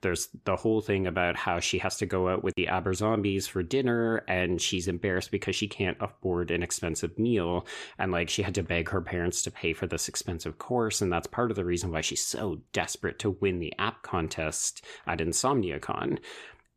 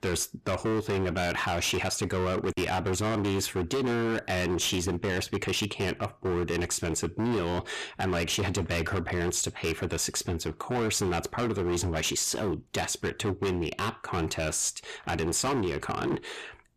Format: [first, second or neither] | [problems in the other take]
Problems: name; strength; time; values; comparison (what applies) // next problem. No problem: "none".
first | distortion; heavy; 23% of the sound clipped